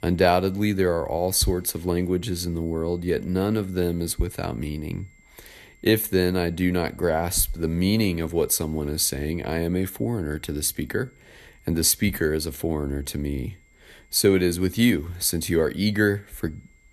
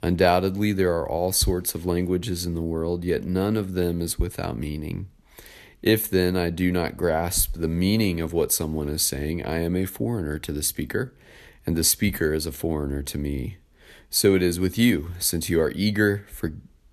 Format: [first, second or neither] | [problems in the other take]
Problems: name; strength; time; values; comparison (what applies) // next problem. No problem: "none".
second | high-pitched whine; faint; throughout; 2 kHz, 35 dB below the speech